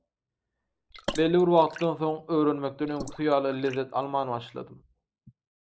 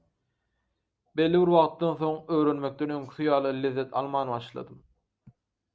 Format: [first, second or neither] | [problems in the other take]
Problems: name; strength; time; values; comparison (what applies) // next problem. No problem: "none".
second | noise reduction (neural mask model Resemble Enhance denoiser)